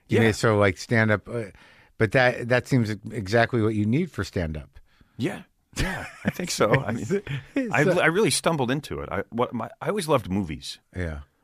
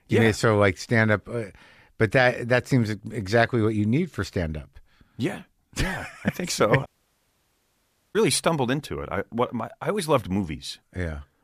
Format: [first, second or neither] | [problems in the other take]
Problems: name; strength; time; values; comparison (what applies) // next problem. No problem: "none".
first | audio cutting out; at 7 s for 1.5 s